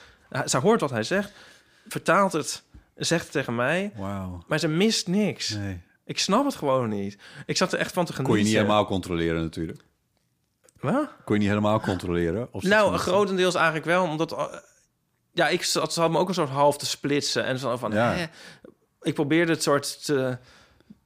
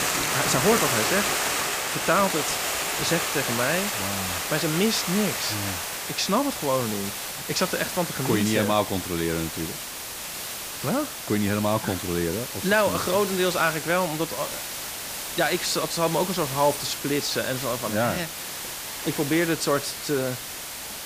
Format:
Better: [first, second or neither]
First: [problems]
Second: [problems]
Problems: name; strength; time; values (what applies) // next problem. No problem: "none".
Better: first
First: none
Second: hiss; loud; throughout; 2 dB below the speech